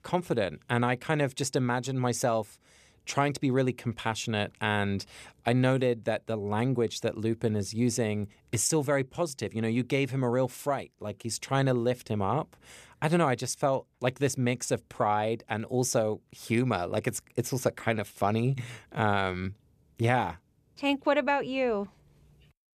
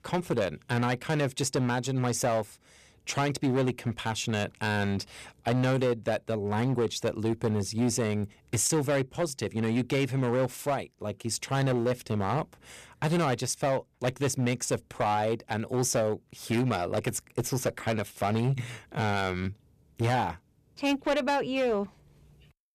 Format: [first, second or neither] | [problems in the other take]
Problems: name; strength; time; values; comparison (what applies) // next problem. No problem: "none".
first | distortion; slight; 9% of the sound clipped